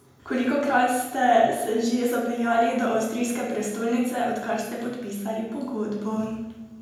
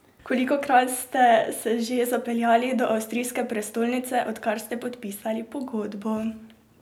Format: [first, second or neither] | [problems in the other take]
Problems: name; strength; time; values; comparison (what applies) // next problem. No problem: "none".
second | room echo; dies away in 0.9 s